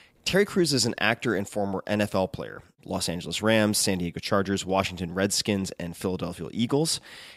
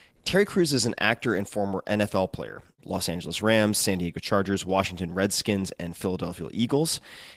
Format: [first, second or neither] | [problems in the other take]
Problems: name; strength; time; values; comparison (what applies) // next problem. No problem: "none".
first | garbled, watery; slightly; nothing above 15.5 kHz